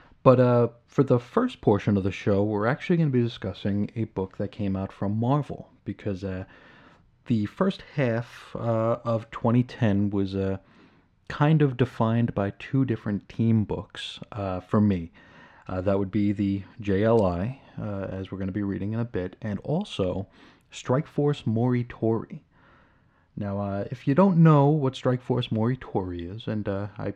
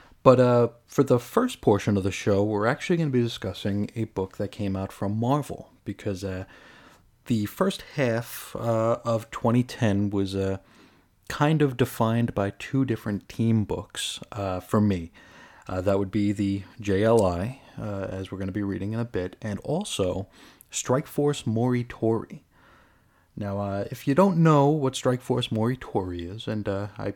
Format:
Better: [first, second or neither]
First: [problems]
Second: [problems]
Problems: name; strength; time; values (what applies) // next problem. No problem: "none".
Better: second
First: muffled; slightly; fading above 3.5 kHz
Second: none